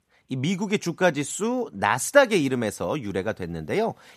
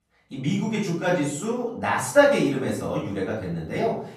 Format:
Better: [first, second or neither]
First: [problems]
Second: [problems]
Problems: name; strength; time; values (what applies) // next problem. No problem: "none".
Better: first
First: none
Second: off-mic speech; far // room echo; noticeable; dies away in 0.5 s